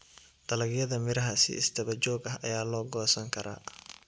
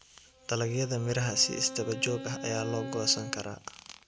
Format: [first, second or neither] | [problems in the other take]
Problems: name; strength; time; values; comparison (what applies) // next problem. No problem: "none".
first | background sound (Bowed string instrument); 11 dB below the speech